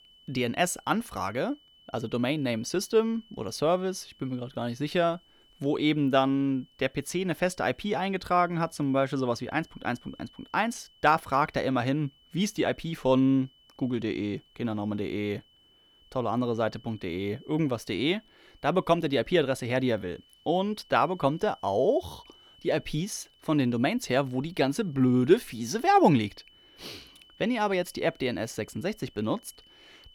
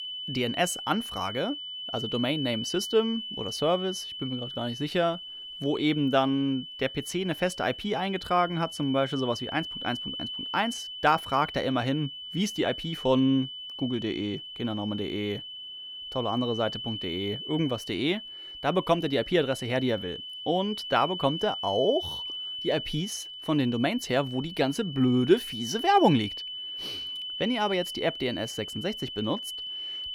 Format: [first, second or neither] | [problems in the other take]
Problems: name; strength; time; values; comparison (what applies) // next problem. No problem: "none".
first | high-pitched whine; loud; throughout; 3 kHz, 7 dB below the speech; faint in the first